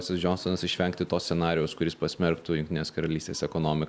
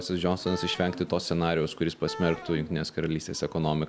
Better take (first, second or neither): first